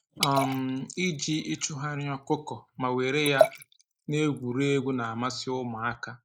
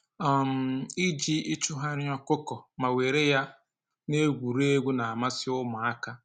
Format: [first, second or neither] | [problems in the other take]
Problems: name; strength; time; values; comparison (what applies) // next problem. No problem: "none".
second | noise reduction (neural mask model Resemble Enhance denoiser)